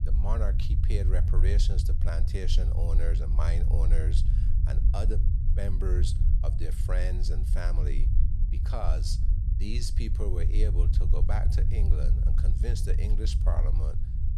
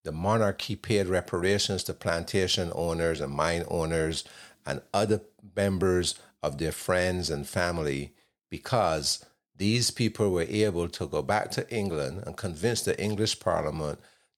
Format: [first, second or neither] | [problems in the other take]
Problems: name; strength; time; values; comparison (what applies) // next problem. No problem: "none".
second | low rumble; loud; throughout; 5 dB below the speech